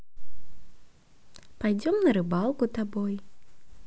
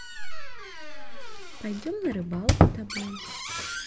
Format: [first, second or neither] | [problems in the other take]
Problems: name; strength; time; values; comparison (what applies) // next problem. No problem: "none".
first | background sound (Squeak); 2 dB above the speech // room echo; dies away in 0.8 s